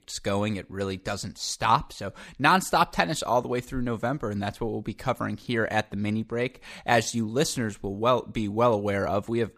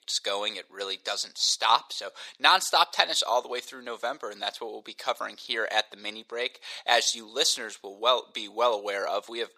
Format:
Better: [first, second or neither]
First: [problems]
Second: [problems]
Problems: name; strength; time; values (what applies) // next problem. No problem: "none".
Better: first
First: none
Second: thin; very; fading below 500 Hz